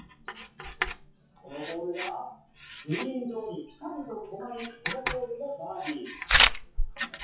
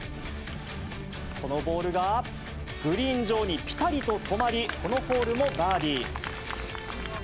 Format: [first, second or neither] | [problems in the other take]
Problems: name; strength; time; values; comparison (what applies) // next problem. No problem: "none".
second | noise reduction (classical method WPE with log-MMSE)